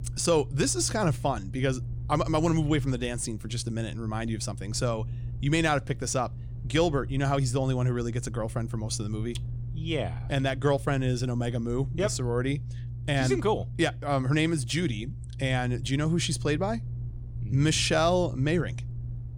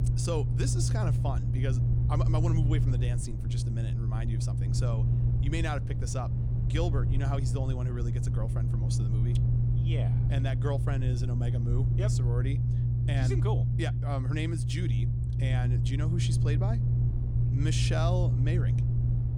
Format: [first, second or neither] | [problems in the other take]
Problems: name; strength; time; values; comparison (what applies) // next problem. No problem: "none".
first | low rumble; loud; throughout; 2 dB below the speech; faint in the first